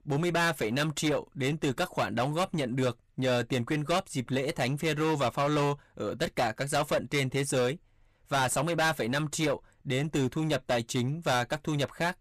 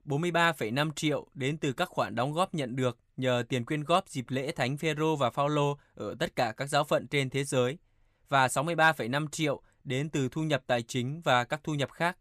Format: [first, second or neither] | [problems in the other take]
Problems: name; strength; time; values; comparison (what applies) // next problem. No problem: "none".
second | distortion; heavy; 14% of the sound clipped